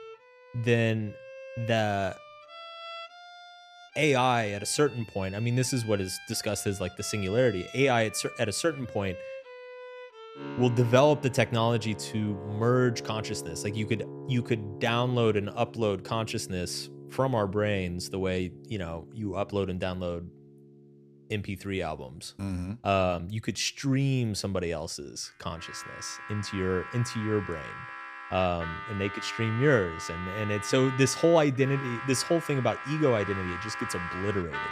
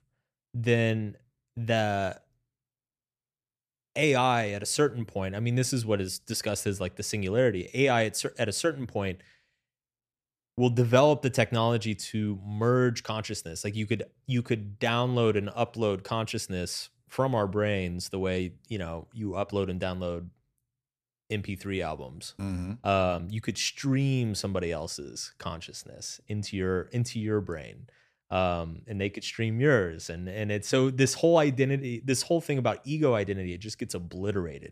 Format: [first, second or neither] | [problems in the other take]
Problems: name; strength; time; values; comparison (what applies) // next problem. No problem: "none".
second | background music; noticeable; throughout; 10 dB below the speech